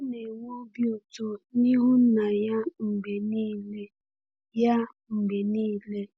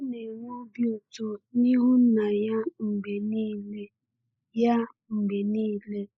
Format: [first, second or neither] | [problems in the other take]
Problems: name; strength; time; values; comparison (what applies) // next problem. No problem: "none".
first | noise reduction (neural mask model Resemble Enhance denoiser)